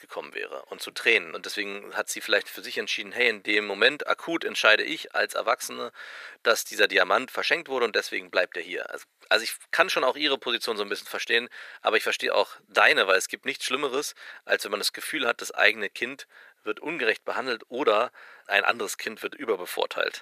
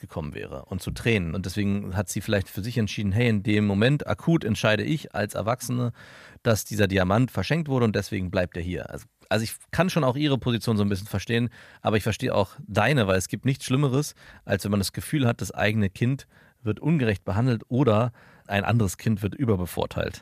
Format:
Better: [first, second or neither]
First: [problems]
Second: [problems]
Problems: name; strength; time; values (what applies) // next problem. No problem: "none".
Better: second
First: thin; very; fading below 400 Hz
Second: none